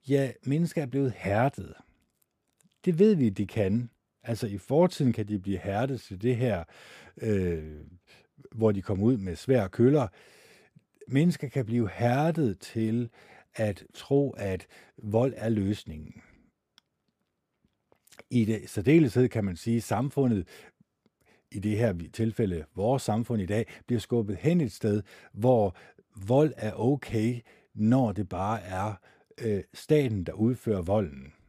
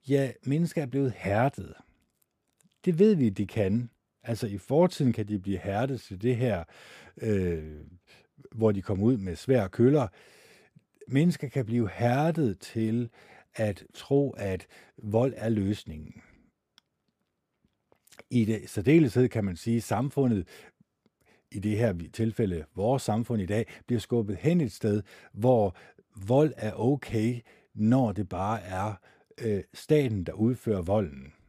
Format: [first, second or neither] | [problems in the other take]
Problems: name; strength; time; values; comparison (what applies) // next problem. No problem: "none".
neither | none